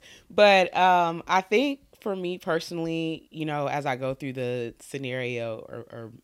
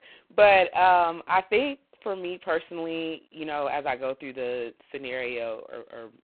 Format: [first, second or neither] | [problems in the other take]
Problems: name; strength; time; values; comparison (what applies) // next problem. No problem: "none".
first | phone-call audio; poor line; nothing above 4 kHz